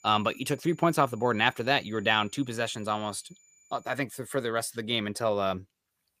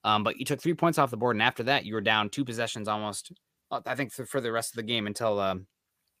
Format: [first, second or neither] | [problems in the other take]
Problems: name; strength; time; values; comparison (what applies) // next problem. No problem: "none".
second | high-pitched whine; faint; until 4 s; 7 kHz, 30 dB below the speech